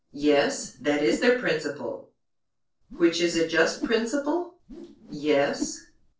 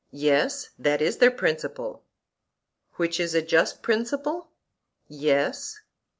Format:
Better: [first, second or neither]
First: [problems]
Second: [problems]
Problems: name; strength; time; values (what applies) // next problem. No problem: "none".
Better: second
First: noise reduction (neural separator model SepFormer DNS4)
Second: none